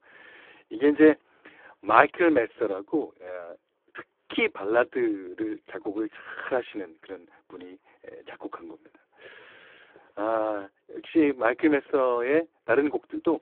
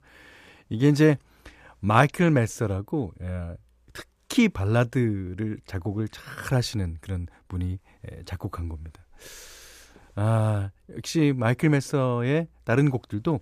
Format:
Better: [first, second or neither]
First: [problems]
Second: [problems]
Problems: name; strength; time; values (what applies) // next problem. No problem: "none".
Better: second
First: phone-call audio; poor line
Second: none